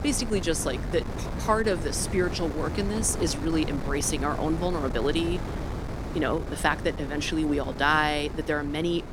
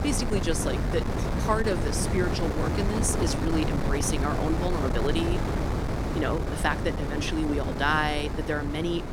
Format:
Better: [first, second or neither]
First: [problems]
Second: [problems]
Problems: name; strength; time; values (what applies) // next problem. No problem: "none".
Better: first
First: wind noise on the microphone; occasional gusts; 10 dB below the speech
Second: wind noise on the microphone; heavy; 4 dB below the speech